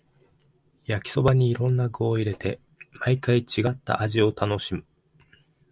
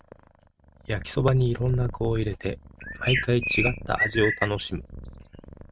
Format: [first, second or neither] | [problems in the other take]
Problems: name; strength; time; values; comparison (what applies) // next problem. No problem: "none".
first | noise reduction (neural mask model RNNoise)